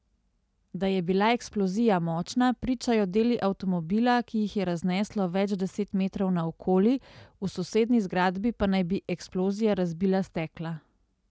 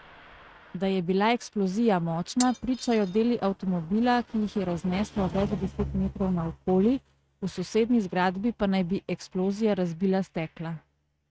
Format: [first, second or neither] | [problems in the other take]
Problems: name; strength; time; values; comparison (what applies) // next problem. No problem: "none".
first | noise reduction (neural mask model RNNoise)